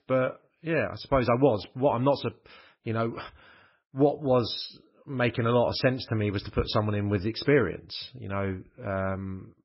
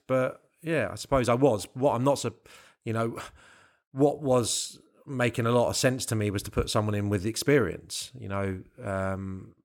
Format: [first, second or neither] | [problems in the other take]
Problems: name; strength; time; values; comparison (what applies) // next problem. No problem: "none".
second | garbled, watery; badly; nothing above 5.5 kHz